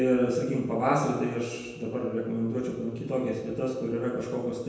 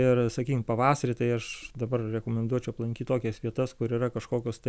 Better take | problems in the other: second | room echo; dies away in 1.1 s

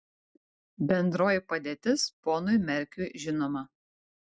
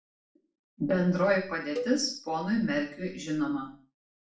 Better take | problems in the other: first | background sound (Cowbell); 12 dB below the speech // room echo; dies away in 0.4 s

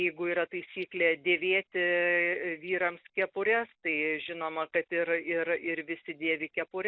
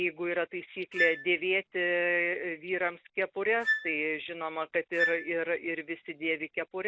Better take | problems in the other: first | background sound (Wind instrument, woodwind instrument); 5 dB below the speech

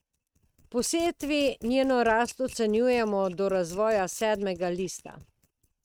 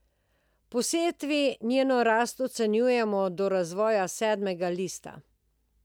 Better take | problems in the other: second | noise reduction (neural mask model RNNoise)

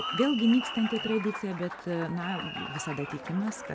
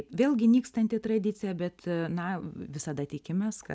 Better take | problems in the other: second | background sound (Applause); 8 dB below the speech

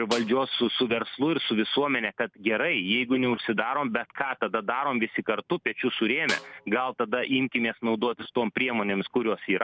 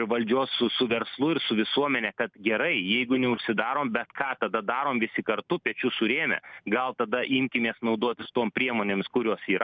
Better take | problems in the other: second | background sound (Snare drum); 14 dB below the speech

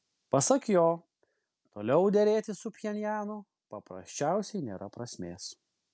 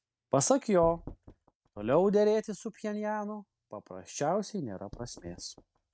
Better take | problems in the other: first | noise reduction (neural mask model RNNoise)

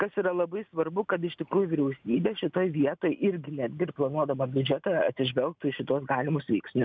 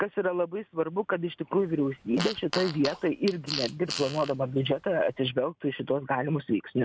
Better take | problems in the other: first | background sound (Fart); 10 dB below the speech

